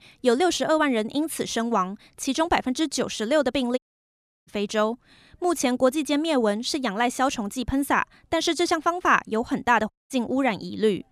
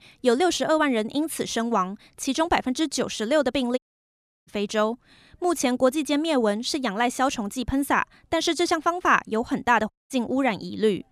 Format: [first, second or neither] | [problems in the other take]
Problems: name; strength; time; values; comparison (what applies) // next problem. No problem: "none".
neither | audio cutting out; at 4 s for 0.5 s and at 10 s; the same in both